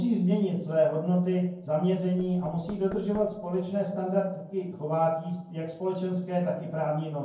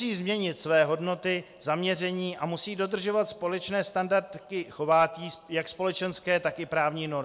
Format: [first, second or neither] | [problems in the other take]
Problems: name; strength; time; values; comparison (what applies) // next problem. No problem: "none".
second | noise reduction (neural separator model SepFormer DNS4)